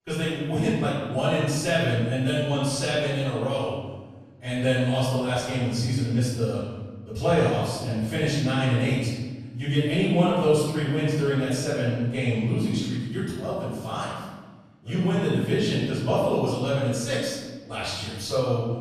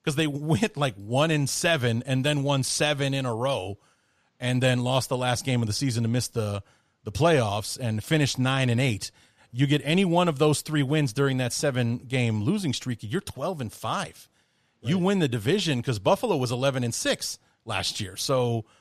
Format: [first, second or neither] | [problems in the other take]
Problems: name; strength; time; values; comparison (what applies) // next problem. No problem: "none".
second | off-mic speech; far // room echo; strong; dies away in 1.3 s